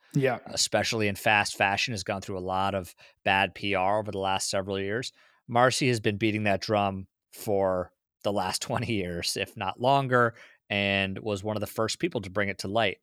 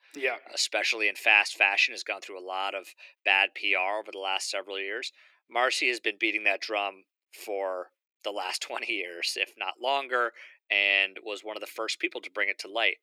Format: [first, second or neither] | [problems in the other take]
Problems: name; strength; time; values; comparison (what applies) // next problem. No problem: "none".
first | thin; very; fading below 350 Hz